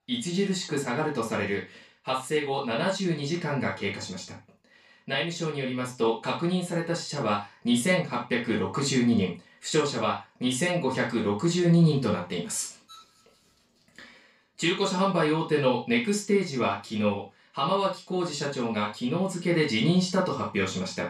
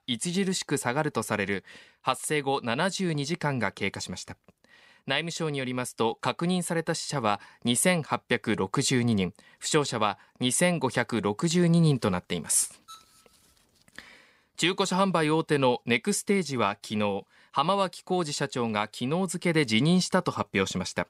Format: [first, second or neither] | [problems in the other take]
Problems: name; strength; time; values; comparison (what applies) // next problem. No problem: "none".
second | room echo; noticeable; dies away in 0.2 s // off-mic speech; far